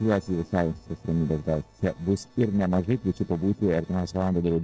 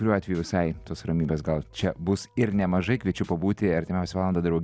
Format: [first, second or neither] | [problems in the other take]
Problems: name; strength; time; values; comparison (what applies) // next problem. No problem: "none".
second | noise reduction (neural separator model SepFormer DNS4)